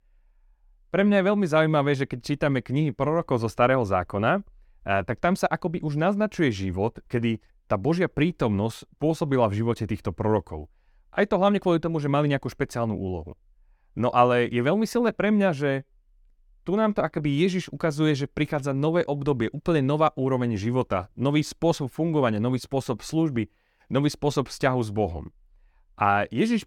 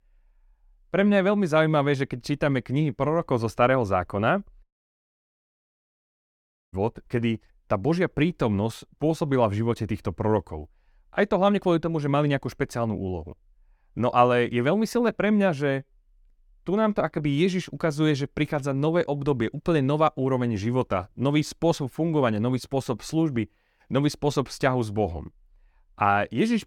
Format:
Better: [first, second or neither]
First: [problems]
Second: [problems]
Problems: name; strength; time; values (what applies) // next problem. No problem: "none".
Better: first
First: none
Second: audio cutting out; at 4.5 s for 2 s